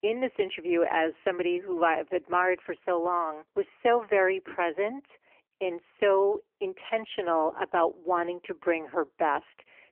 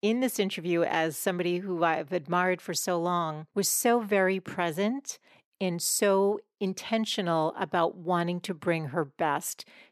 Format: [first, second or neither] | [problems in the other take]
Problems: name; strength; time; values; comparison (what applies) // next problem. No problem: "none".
second | phone-call audio; poor line; nothing above 3 kHz